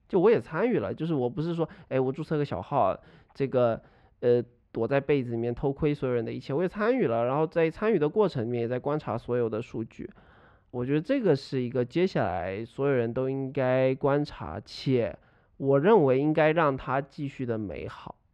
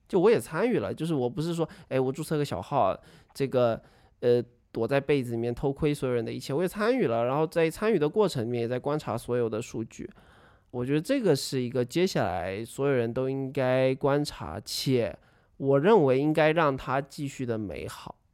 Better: second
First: muffled; slightly; fading above 3 kHz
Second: none

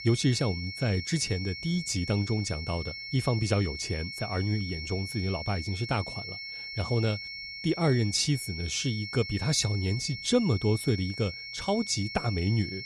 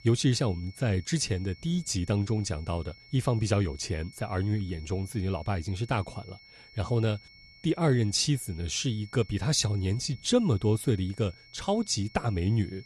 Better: second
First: high-pitched whine; loud; throughout; 2 kHz, 8 dB below the speech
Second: high-pitched whine; faint; throughout; 2 kHz, 25 dB below the speech

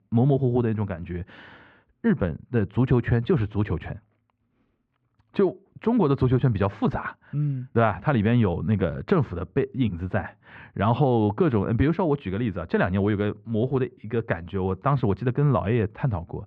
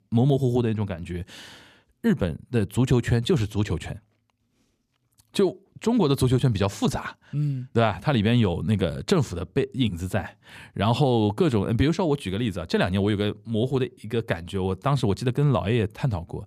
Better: second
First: muffled; very; fading above 2 kHz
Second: none

